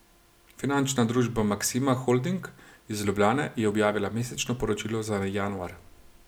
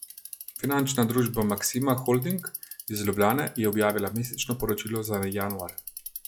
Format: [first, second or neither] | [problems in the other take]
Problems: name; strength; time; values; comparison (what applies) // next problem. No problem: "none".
first | noise reduction (classical method log-MMSE)